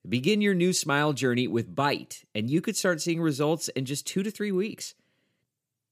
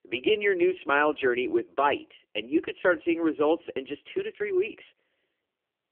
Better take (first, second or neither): first